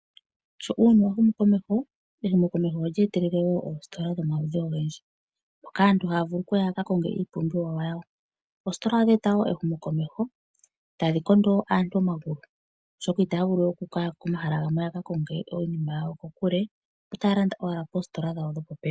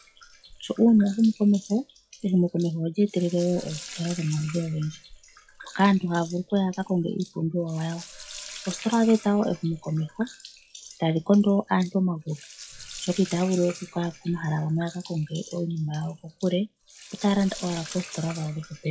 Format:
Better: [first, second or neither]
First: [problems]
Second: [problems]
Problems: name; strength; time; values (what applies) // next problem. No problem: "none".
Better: first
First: none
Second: noise reduction (classical method log-MMSE)